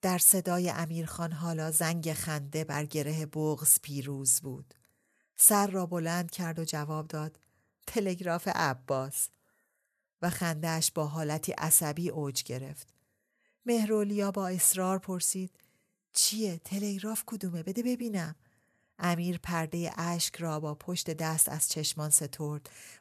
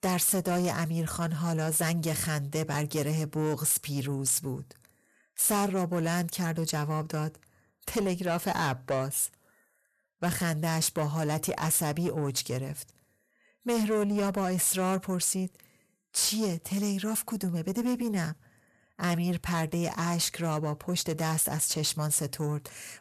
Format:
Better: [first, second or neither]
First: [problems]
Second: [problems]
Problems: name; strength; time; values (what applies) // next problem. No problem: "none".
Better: first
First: none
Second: distortion; heavy; 6 dB below the speech